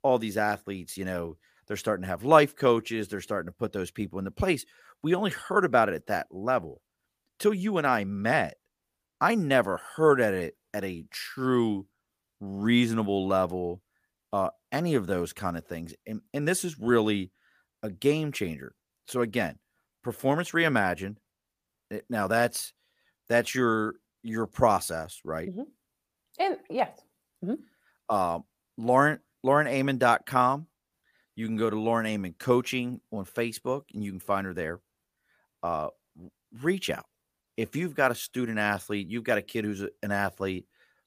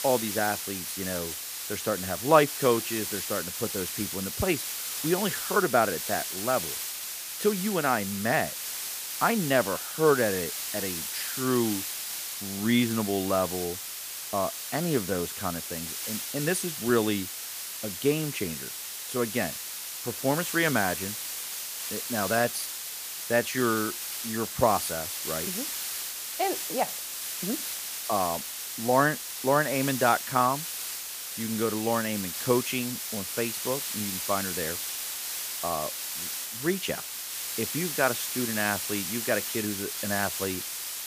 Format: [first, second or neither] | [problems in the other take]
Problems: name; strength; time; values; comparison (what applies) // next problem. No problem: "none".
first | hiss; loud; throughout; 3 dB below the speech